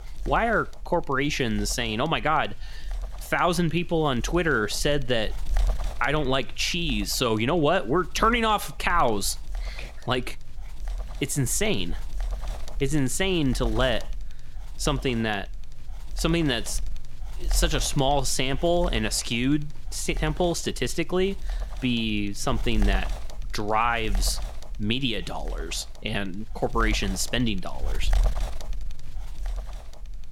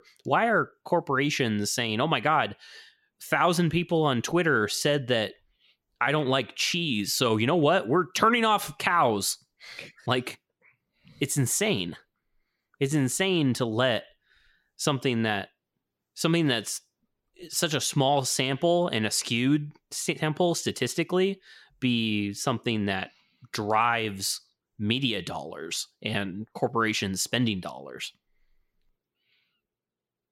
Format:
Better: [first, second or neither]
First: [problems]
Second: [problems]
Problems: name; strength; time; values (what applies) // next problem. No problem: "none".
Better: second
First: wind noise on the microphone; occasional gusts; 20 dB below the speech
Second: none